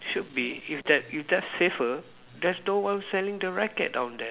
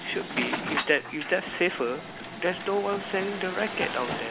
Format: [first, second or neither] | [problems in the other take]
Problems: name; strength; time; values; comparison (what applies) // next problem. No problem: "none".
first | background sound (Truck); 6 dB below the speech